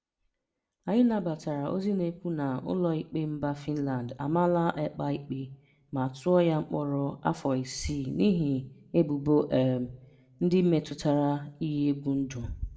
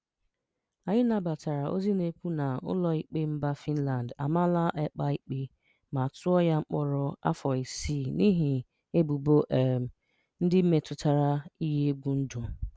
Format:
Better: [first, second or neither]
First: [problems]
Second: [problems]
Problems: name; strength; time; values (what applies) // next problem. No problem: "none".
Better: second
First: room echo; dies away in 0.5 s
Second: none